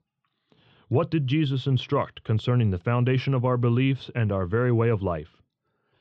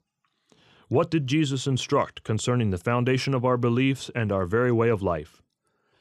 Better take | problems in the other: second | muffled; slightly; fading above 3.5 kHz

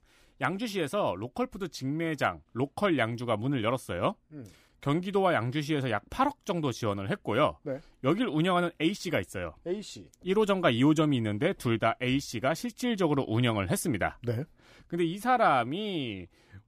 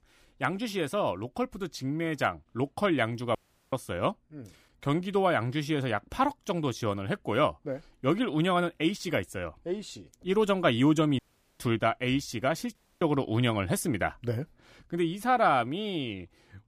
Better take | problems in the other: first | audio cutting out; at 3.5 s, at 11 s and at 13 s

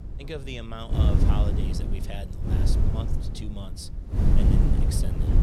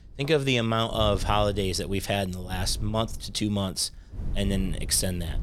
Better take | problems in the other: second | wind noise on the microphone; heavy; 3 dB above the speech; occasional gusts in the second

